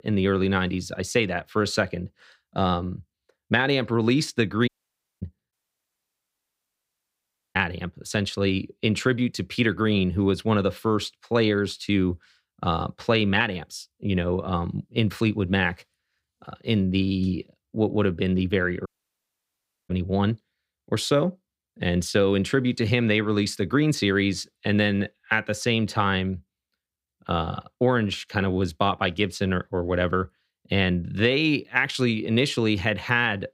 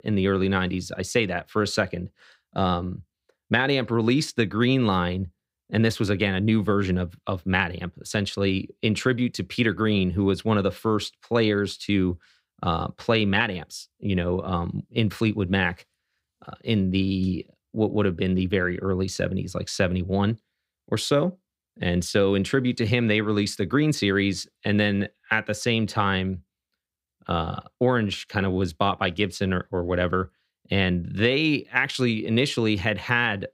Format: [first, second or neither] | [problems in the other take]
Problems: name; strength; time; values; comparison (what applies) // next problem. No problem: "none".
second | audio cutting out; at 4.5 s for 0.5 s, at 5.5 s for 2 s and at 19 s for 1 s